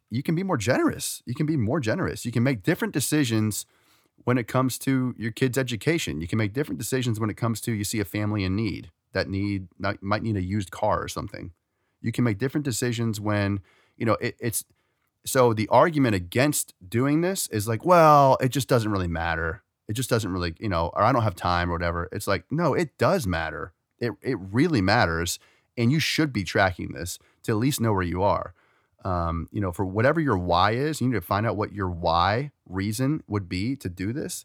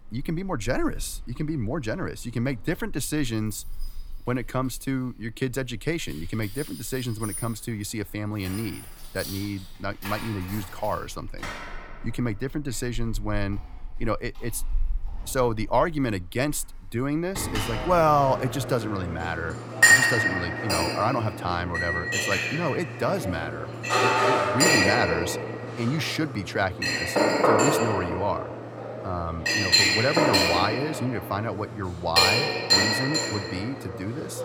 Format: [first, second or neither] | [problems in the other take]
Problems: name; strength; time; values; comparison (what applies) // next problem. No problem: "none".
first | household noises; very loud; throughout; 5 dB above the speech